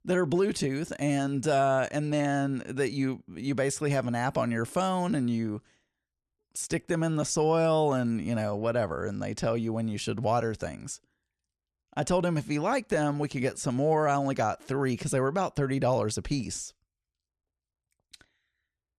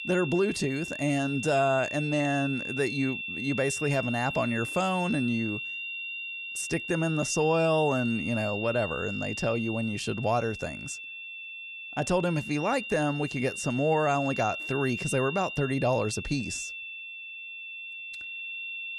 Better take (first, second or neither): first